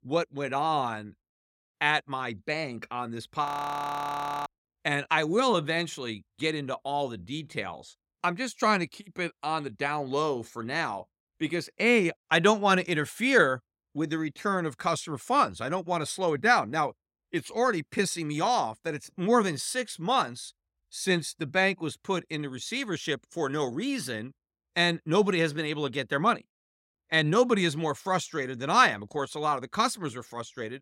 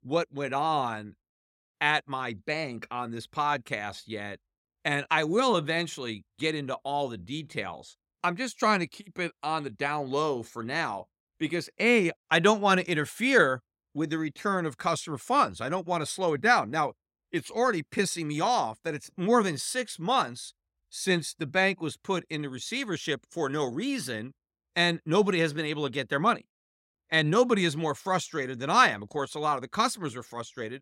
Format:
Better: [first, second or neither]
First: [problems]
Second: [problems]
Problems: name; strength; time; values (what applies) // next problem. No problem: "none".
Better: second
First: audio freezing; at 3.5 s for 1 s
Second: none